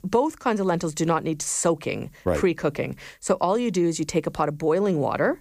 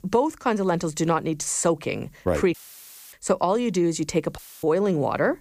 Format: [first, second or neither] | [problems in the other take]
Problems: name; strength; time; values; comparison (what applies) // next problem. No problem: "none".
first | audio cutting out; filled with static; at 2.5 s for 0.5 s and at 4.5 s